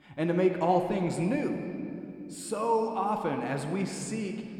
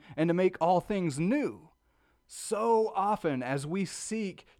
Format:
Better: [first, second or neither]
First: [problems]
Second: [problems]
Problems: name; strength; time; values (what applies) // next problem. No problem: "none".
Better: second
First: room echo; slight; dies away in 2.1 s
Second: none